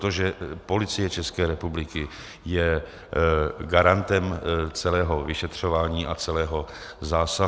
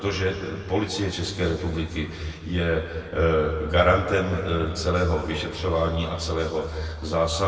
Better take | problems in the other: first | room echo; dies away in 2 s

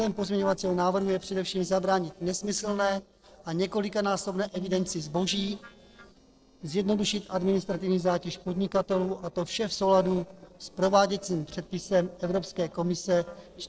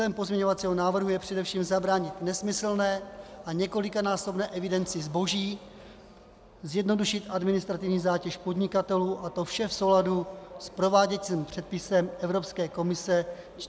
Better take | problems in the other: second | noise reduction (neural separator model SepFormer DNS4)

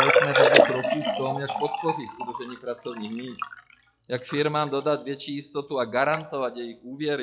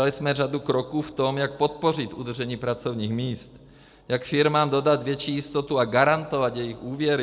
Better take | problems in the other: second | noise reduction (classical method log-MMSE)

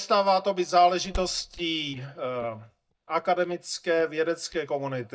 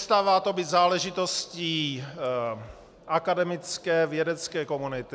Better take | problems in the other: second | noise reduction (neural mask model DeepFilterNet 3)

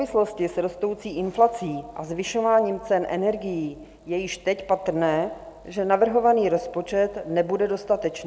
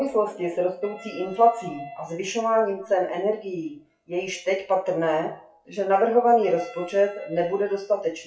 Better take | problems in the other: first | noise reduction (classical method WPE with log-MMSE)

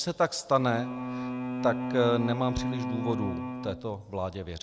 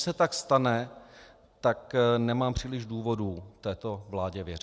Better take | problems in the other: second | background sound (Bowed string instrument); 4 dB below the speech

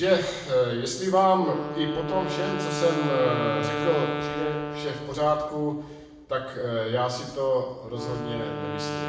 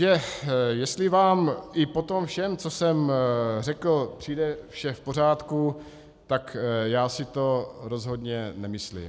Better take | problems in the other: second | background sound (Wind instrument, woodwind instrument); 6 dB below the speech // room echo; dies away in 0.9 s

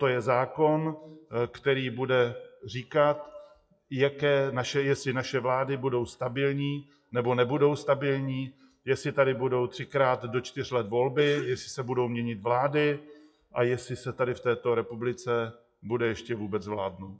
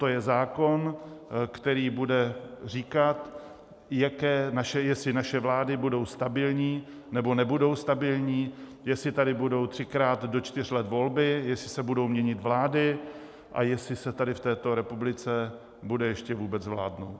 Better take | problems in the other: second | noise reduction (classical method WPE with log-MMSE)

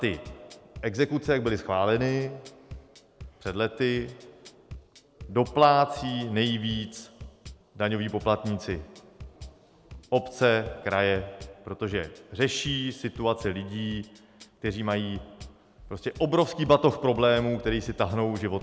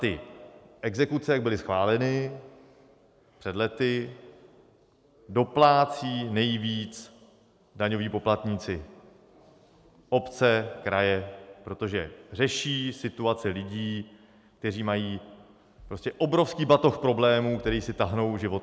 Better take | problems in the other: second | background sound (Bass drum / Drum kit); 19 dB below the speech

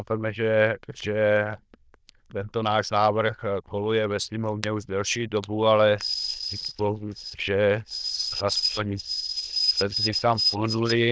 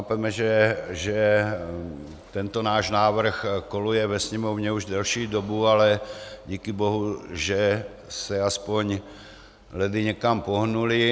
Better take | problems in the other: second | noise reduction (neural diffusion model UNIVERSE++)

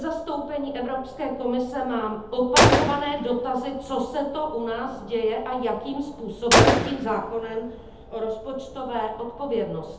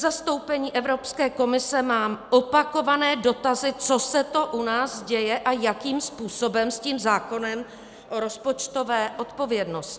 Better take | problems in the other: second | background sound (Gunshot, gunfire); as loud as the speech // room echo; dies away in 0.7 s

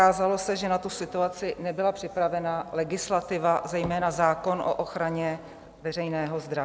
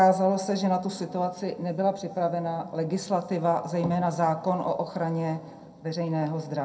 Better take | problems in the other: first | room echo; dies away in 0.2 s

